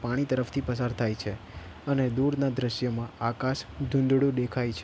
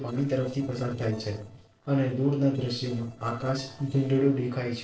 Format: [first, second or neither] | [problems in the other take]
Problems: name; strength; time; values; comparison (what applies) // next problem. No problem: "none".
first | noise reduction (neural separator model SepFormer DNS4)